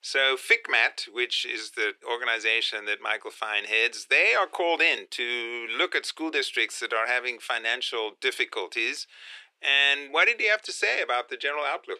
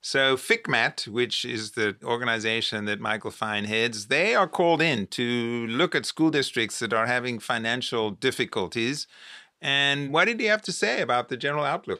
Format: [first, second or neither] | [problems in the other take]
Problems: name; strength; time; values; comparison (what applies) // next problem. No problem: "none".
second | thin; very; fading below 350 Hz